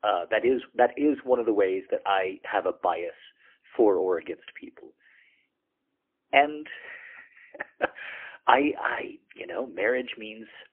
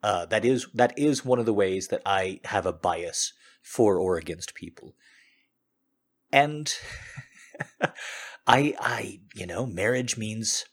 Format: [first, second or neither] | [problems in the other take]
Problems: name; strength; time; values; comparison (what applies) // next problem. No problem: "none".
second | phone-call audio; poor line; nothing above 3 kHz